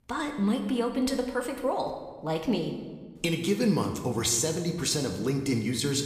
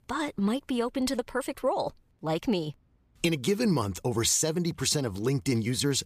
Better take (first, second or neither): second